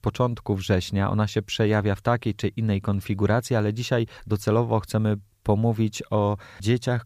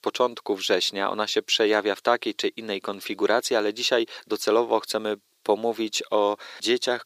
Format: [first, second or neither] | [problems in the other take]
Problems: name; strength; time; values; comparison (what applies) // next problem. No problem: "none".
first | thin; very; fading below 350 Hz